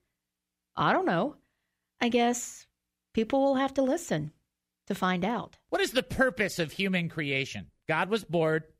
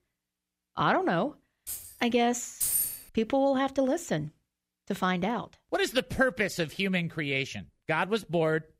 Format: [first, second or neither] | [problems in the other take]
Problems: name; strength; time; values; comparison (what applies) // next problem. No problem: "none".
first | jangling keys; noticeable; at 1.5 s; peak 9 dB below the speech // jangling keys; loud; at 2.5 s; peak 3 dB above the speech